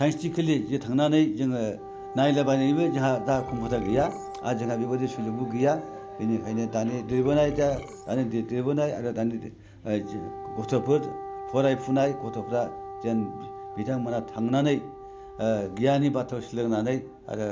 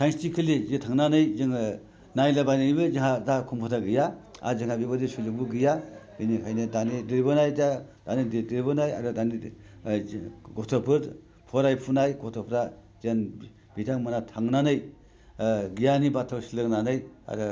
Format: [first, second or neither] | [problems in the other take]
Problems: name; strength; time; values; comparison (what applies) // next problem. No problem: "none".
second | background sound (Burping, eructation + Wind instrument, woodwind instrument); 13 dB below the speech